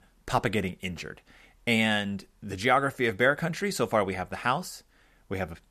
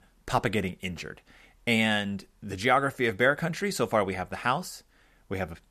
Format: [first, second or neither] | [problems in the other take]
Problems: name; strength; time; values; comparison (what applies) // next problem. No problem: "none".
neither | none